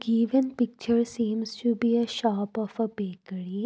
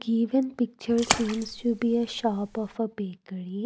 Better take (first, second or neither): first